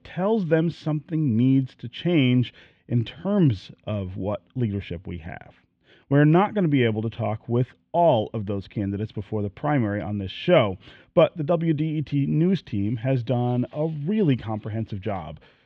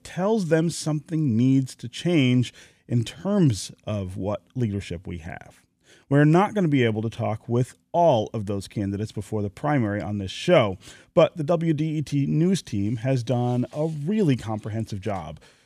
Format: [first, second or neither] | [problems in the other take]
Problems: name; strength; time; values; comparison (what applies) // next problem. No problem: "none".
second | muffled; very; fading above 3 kHz